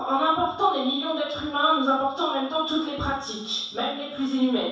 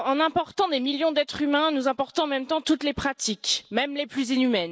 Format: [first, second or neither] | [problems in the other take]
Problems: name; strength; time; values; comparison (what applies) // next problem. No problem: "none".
second | room echo; dies away in 0.7 s